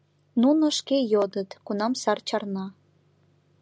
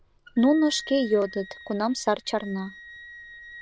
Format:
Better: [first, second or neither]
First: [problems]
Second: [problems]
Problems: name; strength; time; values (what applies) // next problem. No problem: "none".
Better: first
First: none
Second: noise reduction (neural diffusion model UNIVERSE++)